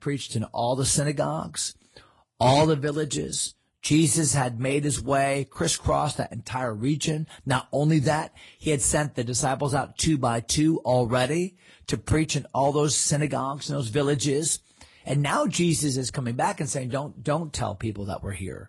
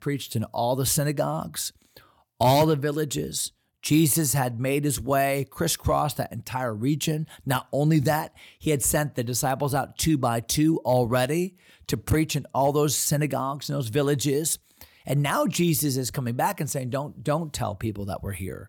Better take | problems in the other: second | garbled, watery; slightly; nothing above 10.5 kHz

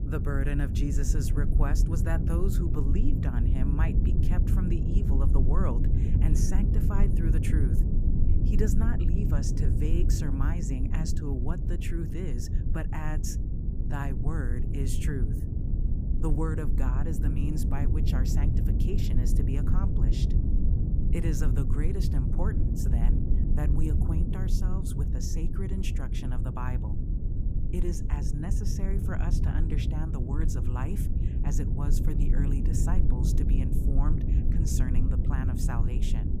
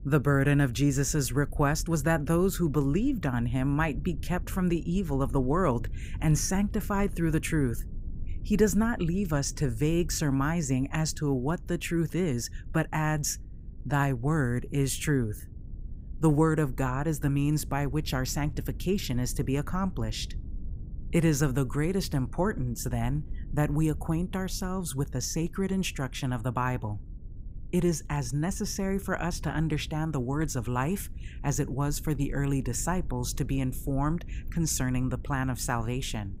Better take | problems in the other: second | low rumble; loud; throughout; 1 dB below the speech; faint in the second

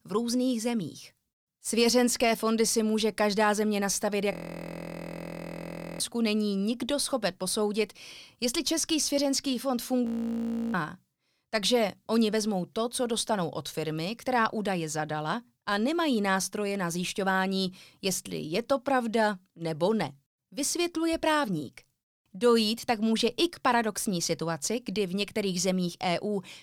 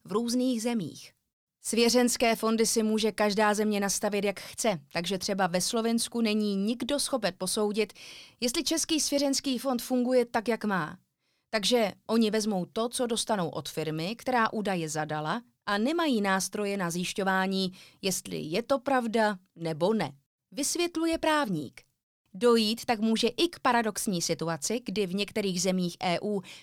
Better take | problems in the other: second | audio freezing; at 4.5 s for 1.5 s and at 10 s for 0.5 s

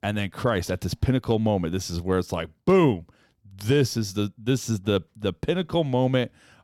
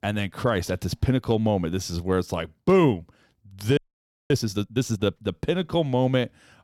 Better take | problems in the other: first | audio freezing; at 4 s for 0.5 s

